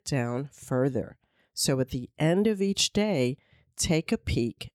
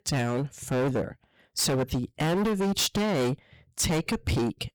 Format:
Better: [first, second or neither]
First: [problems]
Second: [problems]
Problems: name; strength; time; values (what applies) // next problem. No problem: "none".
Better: first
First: none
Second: distortion; heavy; 24% of the sound clipped